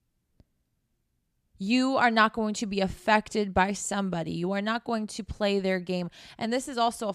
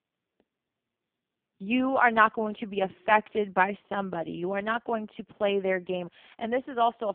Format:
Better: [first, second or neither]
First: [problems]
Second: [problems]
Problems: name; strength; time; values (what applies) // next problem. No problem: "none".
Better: first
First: none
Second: phone-call audio; poor line